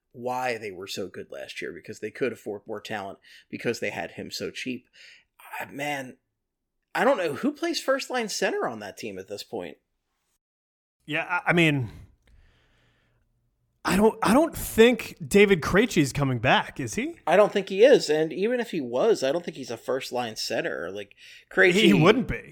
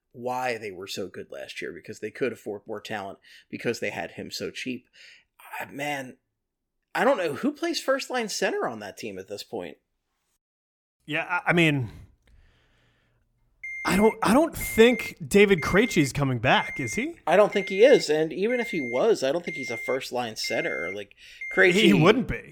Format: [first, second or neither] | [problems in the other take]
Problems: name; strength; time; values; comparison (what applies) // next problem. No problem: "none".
first | alarm; noticeable; from 14 to 22 s; peak 8 dB below the speech